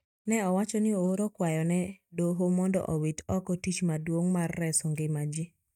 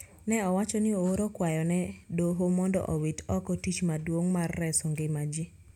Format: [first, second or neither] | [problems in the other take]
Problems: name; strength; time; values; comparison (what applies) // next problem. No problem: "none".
second | noise reduction (neural mask model DeepFilterNet 3)